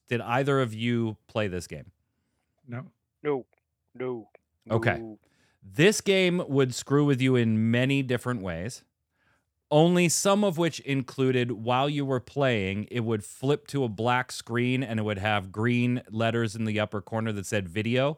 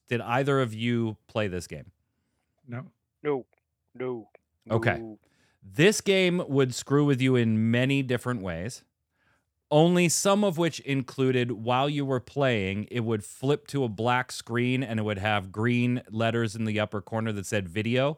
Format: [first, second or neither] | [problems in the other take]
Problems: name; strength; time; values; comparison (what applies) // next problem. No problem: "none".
neither | none